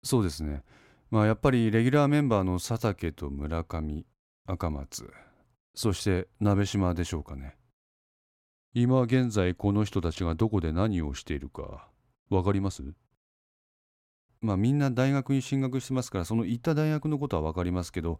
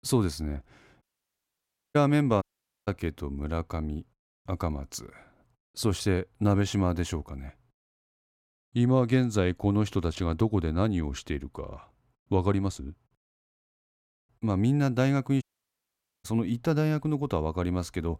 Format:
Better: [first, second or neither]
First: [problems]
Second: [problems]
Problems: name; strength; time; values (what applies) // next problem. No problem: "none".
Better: first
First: none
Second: audio cutting out; at 1 s for 1 s, at 2.5 s and at 15 s for 1 s